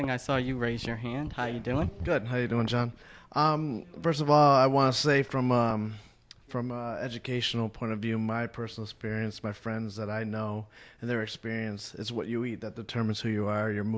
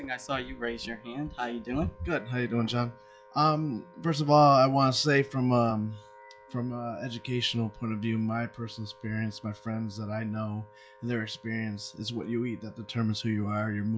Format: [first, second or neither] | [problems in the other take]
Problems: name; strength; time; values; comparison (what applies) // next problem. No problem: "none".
first | noise reduction (classical method log-MMSE)